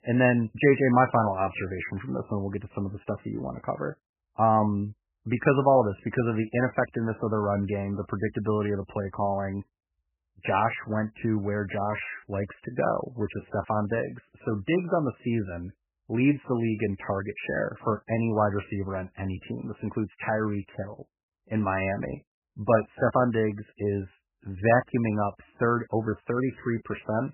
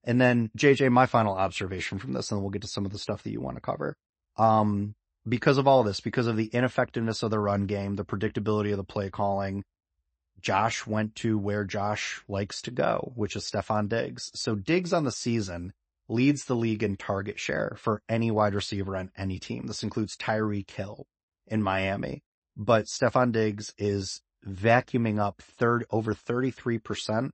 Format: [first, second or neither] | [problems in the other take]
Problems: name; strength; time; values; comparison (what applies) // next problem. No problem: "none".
second | garbled, watery; badly; nothing above 3 kHz; slightly in the second